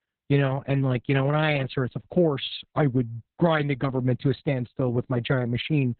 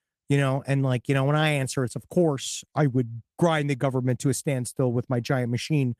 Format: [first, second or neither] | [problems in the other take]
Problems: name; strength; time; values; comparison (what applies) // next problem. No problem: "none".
second | garbled, watery; badly; nothing above 4 kHz; slightly in the second